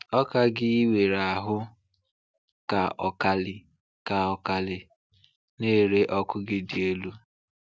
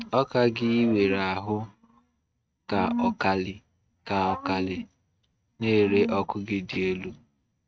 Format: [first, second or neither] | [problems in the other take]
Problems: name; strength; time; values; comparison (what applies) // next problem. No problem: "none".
first | noise reduction (neural mask model RNNoise)